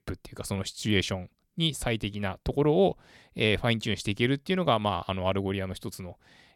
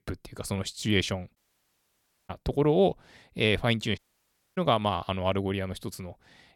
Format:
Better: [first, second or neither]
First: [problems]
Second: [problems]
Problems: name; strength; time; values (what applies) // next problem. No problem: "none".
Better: first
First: none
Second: audio cutting out; at 1.5 s for 1 s and at 4 s for 0.5 s